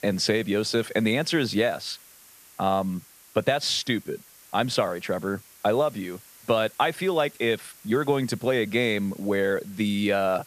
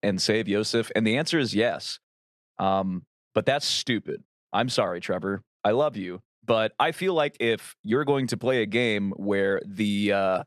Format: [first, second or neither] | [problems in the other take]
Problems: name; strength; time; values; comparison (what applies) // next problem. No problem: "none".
second | hiss; faint; throughout; 25 dB below the speech